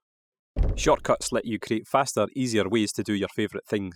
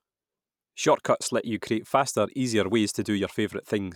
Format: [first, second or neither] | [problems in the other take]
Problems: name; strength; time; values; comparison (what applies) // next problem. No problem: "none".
second | noise reduction (classical method spectral subtraction)